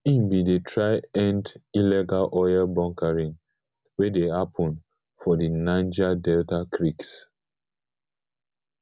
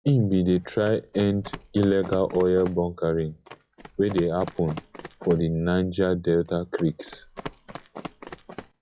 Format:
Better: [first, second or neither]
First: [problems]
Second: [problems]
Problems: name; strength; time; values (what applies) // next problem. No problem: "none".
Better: first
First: none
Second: noise reduction (classical method log-MMSE)